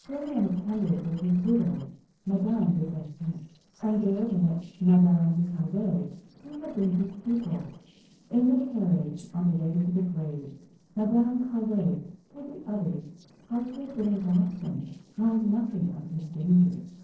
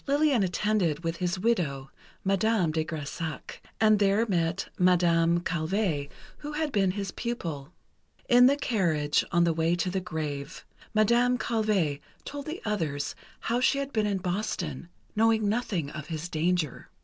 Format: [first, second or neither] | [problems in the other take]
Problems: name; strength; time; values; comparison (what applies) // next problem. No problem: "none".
second | noise reduction (neural separator model SepFormer DNS4)